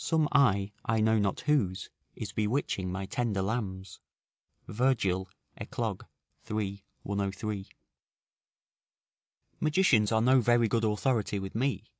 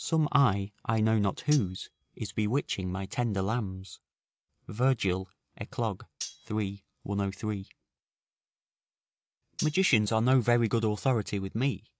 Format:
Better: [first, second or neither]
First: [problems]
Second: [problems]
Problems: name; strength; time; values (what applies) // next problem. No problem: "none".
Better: first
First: none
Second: noise reduction (neural mask model RNNoise)